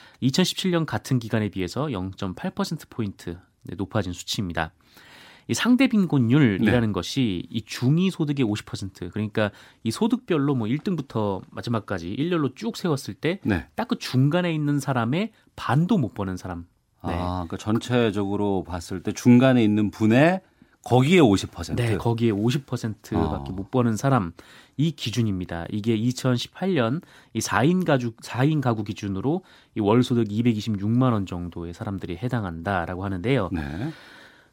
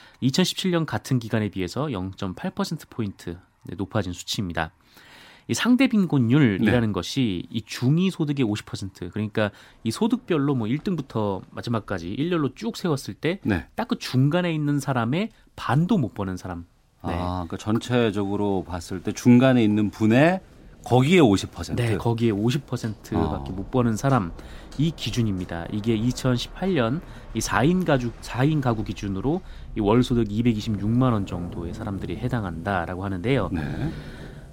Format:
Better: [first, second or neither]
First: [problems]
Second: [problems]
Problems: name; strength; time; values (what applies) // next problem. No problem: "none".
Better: first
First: none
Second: rain or running water; noticeable; throughout; 20 dB below the speech